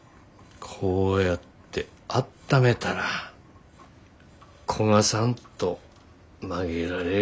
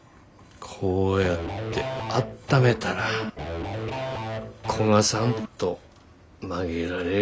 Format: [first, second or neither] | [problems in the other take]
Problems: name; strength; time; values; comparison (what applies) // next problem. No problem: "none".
first | background sound (Electric guitar / Bass guitar); 5 dB below the speech